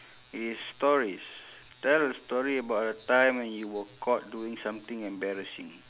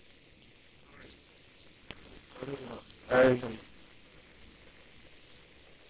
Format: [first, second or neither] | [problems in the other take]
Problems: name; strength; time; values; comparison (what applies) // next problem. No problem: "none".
first | noise reduction (neural separator model SepFormer WHAMR!)